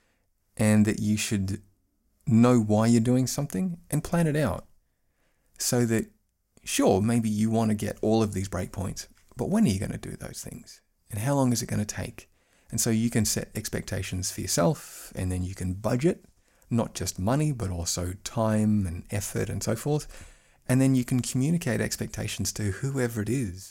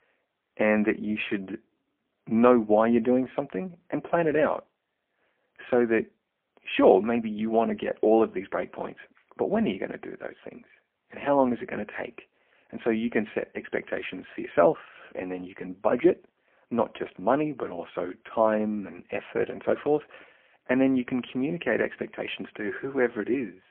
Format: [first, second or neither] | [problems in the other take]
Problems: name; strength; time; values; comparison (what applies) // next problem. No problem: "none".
first | phone-call audio; poor line; nothing above 3.5 kHz